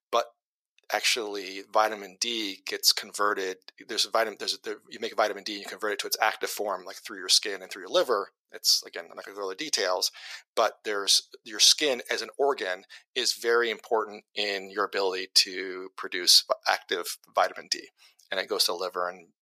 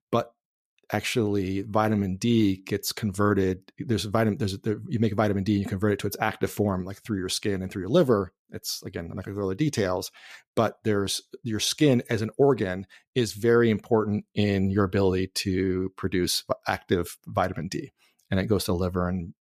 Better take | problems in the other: second | thin; very; fading below 550 Hz

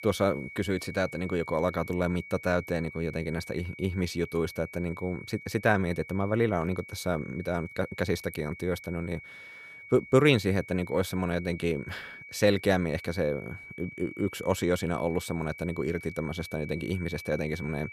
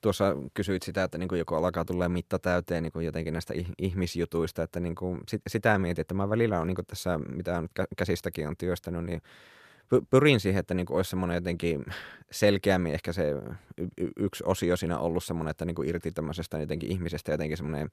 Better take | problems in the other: second | high-pitched whine; noticeable; throughout; 2.5 kHz, 15 dB below the speech

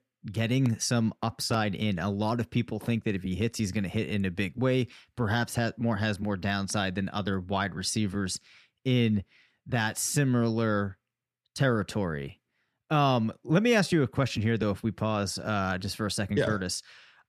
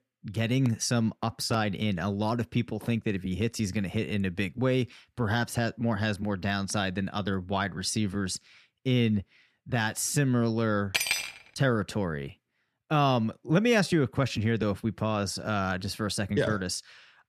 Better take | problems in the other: first | clattering dishes; loud; at 11 s; peak 2 dB above the speech

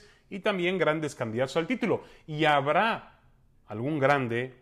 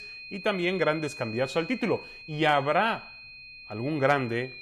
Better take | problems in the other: first | high-pitched whine; noticeable; throughout; 2.5 kHz, 15 dB below the speech

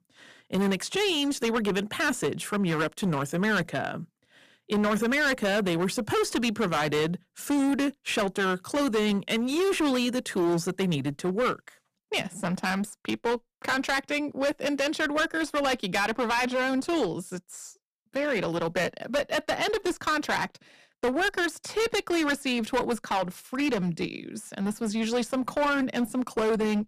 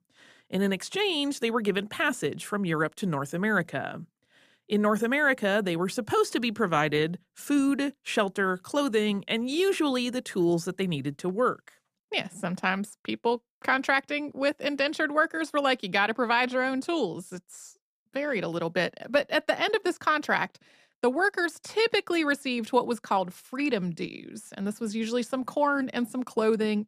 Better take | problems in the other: second | distortion; heavy; 16% of the sound clipped

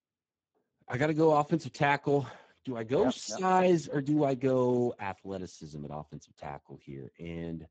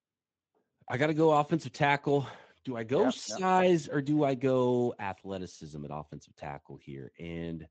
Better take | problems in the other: second | garbled, watery; badly; nothing above 7.5 kHz; slightly in the second

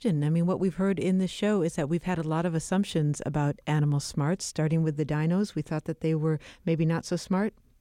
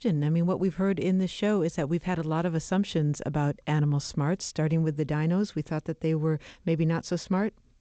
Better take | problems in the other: first | garbled, watery; slightly; nothing above 8 kHz

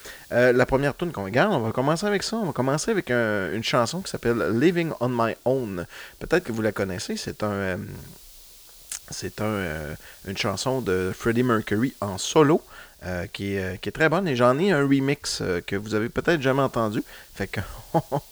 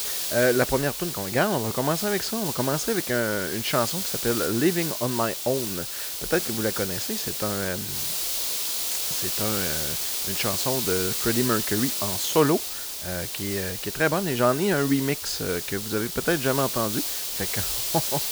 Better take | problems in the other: first | hiss; loud; throughout; 1 dB below the speech; faint in the first

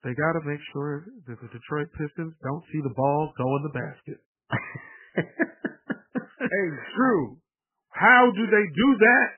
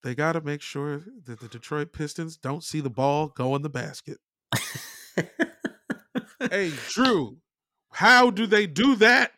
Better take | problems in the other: second | garbled, watery; badly; nothing above 3 kHz

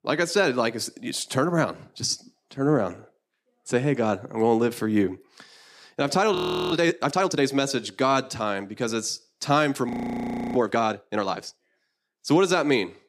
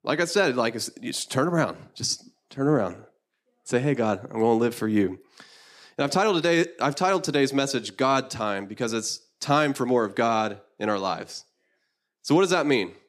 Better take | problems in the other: second | audio freezing; at 6.5 s and at 10 s for 0.5 s

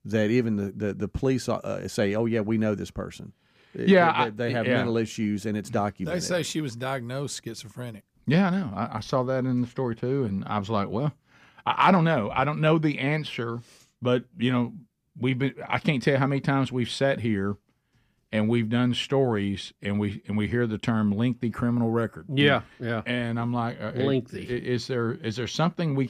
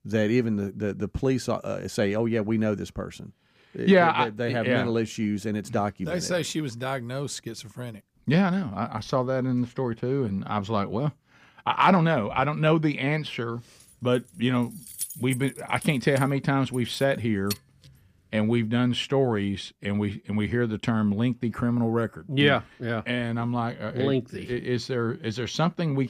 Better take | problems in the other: first | jangling keys; noticeable; from 14 to 18 s; peak 7 dB below the speech

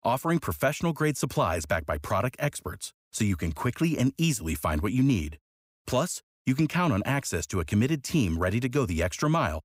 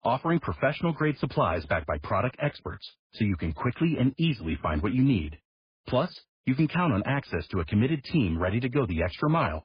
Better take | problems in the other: first | garbled, watery; badly

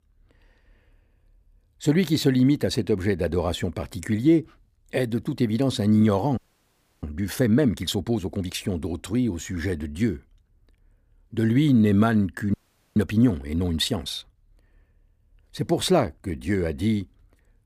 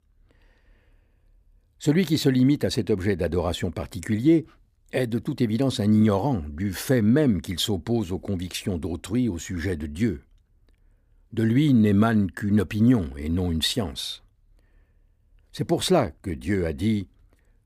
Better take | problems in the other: second | audio freezing; at 6.5 s for 0.5 s and at 13 s

